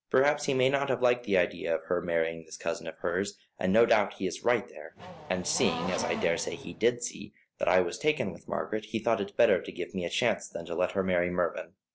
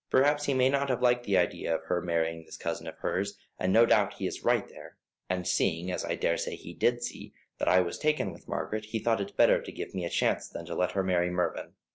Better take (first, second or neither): second